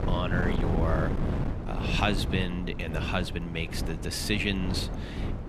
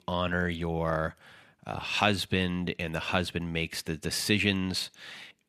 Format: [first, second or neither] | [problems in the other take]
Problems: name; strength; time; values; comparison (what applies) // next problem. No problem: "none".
second | wind noise on the microphone; heavy; 7 dB below the speech